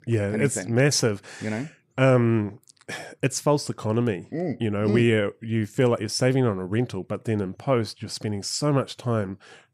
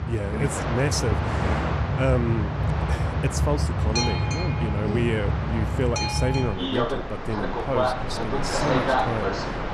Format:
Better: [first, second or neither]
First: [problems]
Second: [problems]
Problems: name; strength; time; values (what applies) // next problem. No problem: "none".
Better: first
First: none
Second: train or aircraft noise; very loud; throughout; 3 dB above the speech